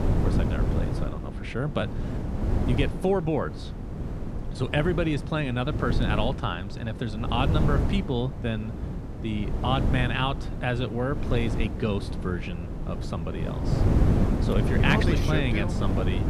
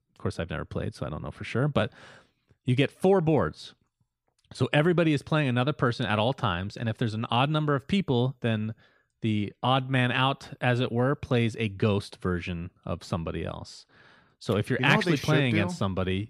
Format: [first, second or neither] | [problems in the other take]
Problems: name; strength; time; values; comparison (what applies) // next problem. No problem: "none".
second | wind noise on the microphone; heavy; 6 dB below the speech